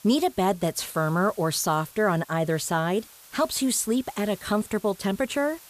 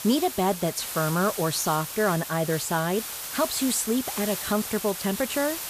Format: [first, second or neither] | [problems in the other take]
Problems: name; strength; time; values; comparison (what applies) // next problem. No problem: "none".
first | hiss; loud; throughout; 6 dB below the speech; faint in the first